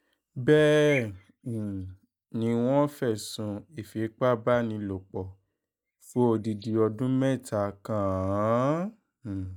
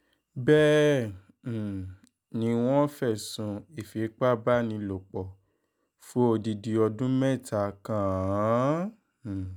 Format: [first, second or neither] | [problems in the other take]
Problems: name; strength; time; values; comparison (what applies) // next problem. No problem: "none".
second | noise reduction (neural mask model DeepFilterNet 3)